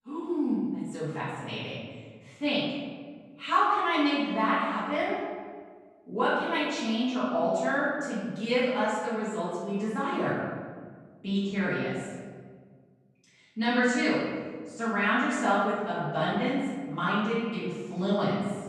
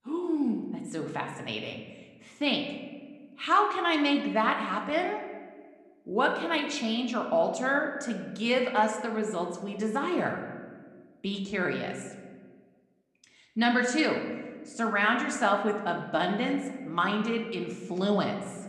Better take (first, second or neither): second